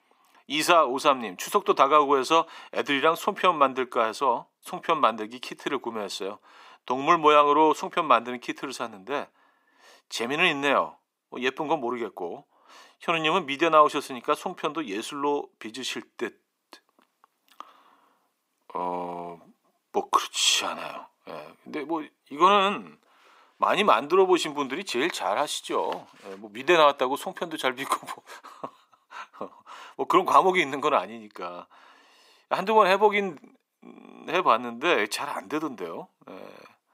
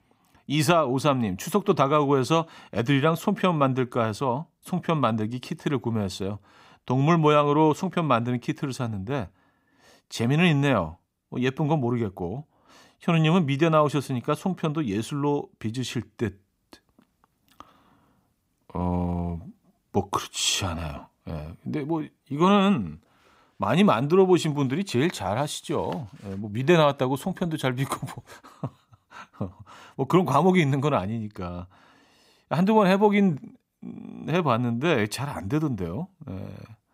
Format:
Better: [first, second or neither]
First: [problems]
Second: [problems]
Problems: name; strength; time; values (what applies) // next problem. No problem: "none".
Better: second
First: thin; very; fading below 350 Hz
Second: none